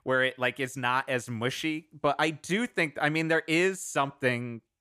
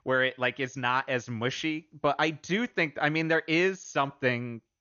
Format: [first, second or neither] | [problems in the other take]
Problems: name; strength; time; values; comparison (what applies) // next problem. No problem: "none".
first | garbled, watery; slightly; nothing above 6.5 kHz